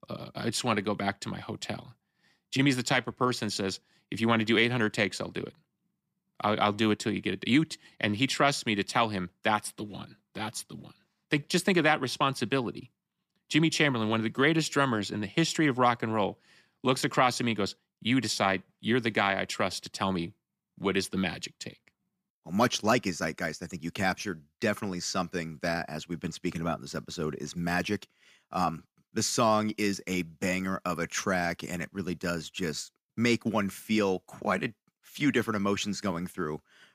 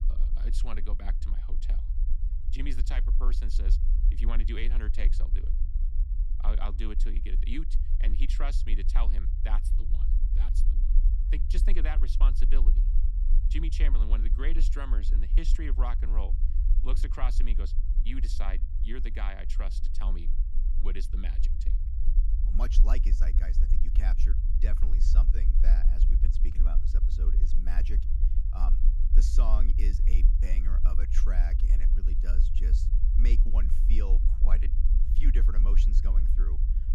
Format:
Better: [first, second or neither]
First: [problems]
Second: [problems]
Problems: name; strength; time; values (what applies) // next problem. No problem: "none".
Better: first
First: none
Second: low rumble; loud; throughout; 8 dB below the speech